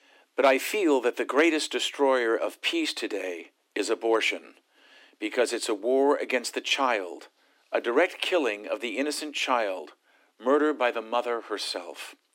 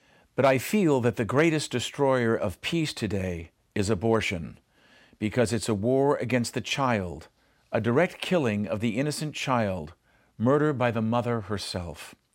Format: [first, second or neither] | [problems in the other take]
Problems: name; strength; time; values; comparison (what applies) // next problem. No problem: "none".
second | thin; somewhat; fading below 250 Hz